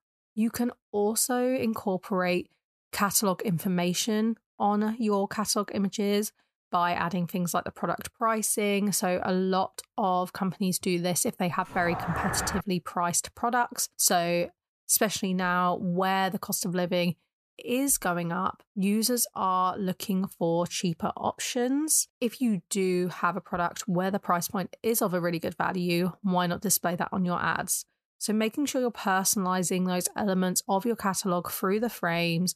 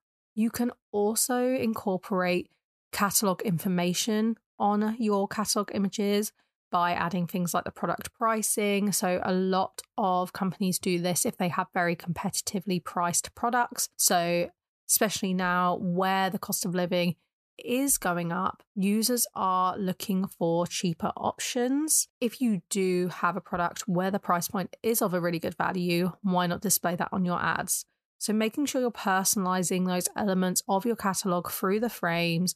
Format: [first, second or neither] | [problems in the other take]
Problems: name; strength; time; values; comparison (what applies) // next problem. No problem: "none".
second | dog barking; noticeable; at 12 s; peak 3 dB below the speech